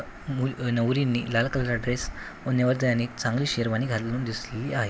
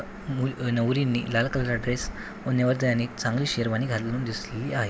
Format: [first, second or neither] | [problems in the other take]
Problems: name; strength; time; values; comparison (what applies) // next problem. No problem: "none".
first | background sound (Engine); 17 dB below the speech